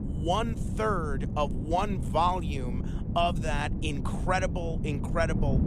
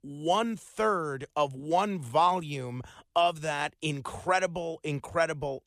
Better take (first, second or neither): second